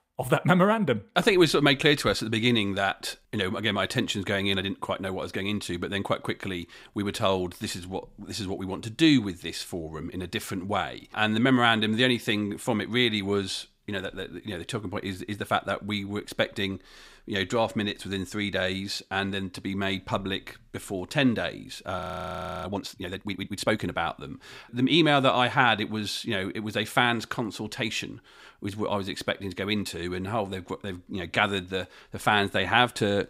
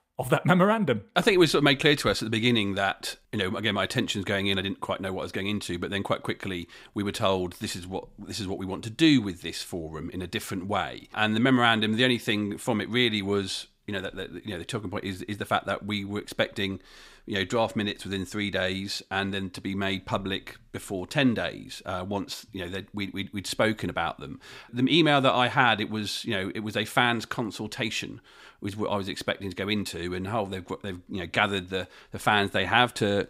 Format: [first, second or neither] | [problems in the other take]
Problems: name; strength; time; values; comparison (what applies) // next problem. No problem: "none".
second | audio freezing; at 22 s for 0.5 s